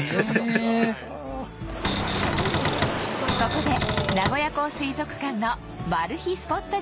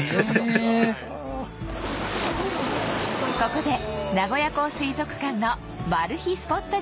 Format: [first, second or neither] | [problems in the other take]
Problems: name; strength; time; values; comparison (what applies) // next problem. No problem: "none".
second | background sound (Cupboard open or close); 1 dB below the speech